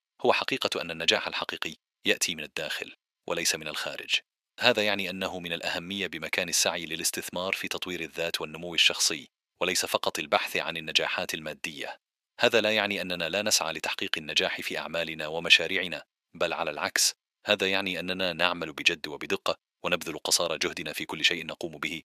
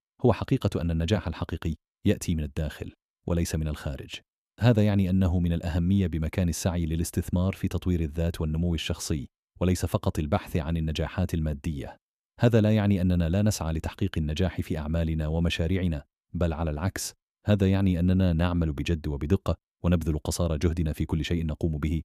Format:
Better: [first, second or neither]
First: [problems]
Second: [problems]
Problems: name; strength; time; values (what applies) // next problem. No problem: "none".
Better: second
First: thin; very; fading below 600 Hz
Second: none